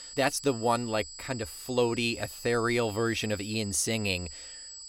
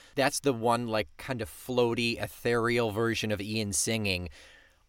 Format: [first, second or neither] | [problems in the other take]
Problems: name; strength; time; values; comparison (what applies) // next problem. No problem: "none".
second | high-pitched whine; noticeable; throughout; 8 kHz, 15 dB below the speech